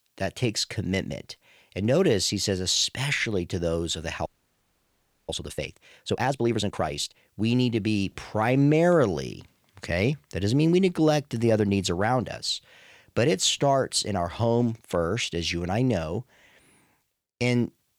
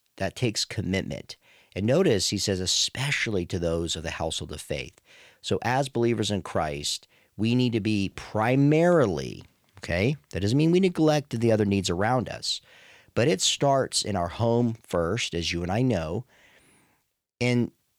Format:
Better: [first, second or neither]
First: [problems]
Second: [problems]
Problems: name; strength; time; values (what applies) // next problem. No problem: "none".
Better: second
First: audio freezing; at 4.5 s for 1 s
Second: none